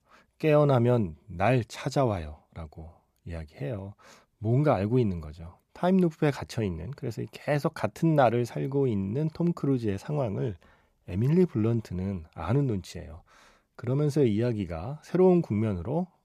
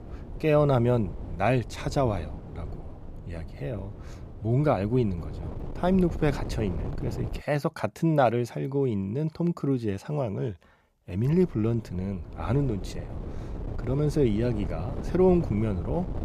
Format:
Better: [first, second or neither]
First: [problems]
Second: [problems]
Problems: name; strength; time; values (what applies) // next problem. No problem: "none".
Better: first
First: none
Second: wind noise on the microphone; occasional gusts; until 7.5 s and from 11 s on; 15 dB below the speech